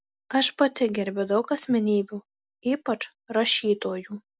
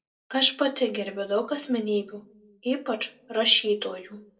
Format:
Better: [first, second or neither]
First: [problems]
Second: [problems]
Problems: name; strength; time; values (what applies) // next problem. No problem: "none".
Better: first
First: none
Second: room echo; dies away in 0.2 s